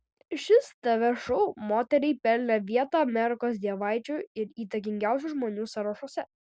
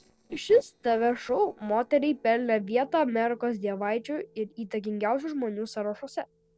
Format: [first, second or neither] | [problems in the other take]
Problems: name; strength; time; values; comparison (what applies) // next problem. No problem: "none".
first | noise reduction (neural separator model SepFormer DNS4)